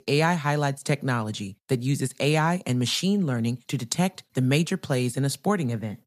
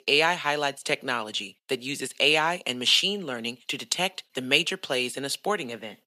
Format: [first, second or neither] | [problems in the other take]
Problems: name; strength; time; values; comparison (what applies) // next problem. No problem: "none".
first | thin; somewhat; fading below 400 Hz